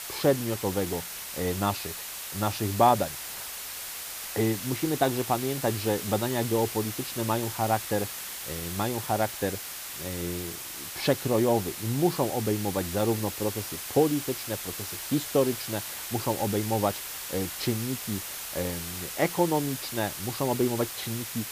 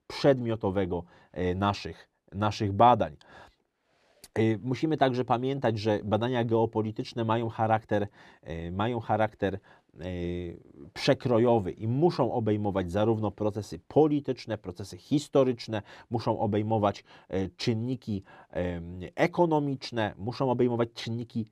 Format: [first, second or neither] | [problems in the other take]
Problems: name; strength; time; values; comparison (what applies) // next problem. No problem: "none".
second | hiss; loud; throughout; 6 dB below the speech